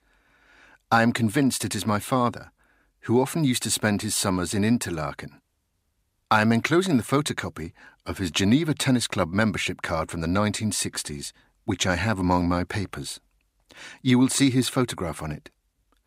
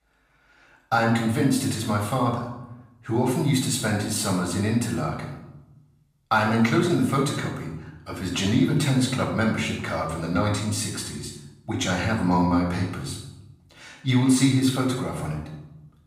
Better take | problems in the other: first | off-mic speech; far // room echo; noticeable; dies away in 0.8 s

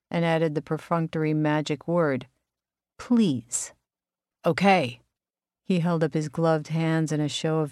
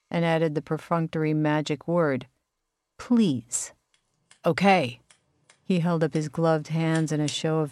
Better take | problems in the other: first | household noises; noticeable; throughout; 20 dB below the speech

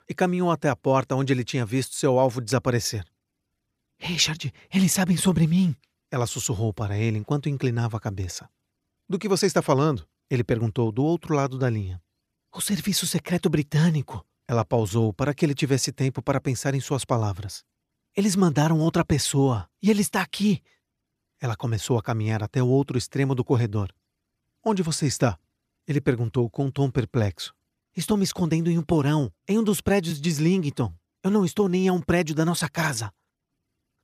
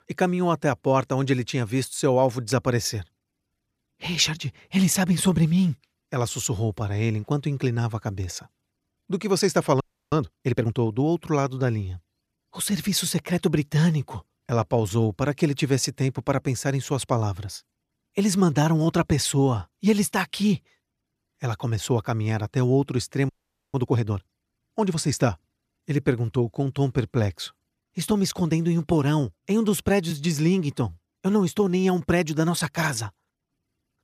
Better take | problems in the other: first | audio freezing; at 10 s and at 23 s

